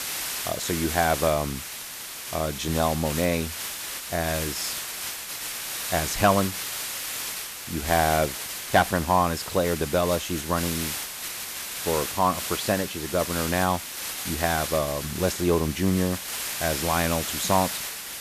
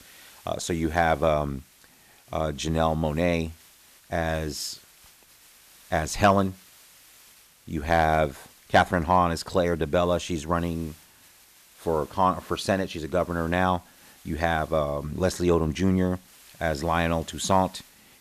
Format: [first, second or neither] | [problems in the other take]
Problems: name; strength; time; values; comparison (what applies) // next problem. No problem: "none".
second | hiss; loud; throughout; 4 dB below the speech; faint in the second